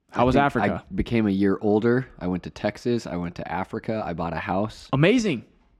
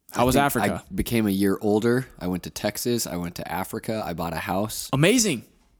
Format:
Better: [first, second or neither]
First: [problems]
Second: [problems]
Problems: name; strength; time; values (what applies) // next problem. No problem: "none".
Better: second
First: muffled; slightly; fading above 3 kHz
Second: none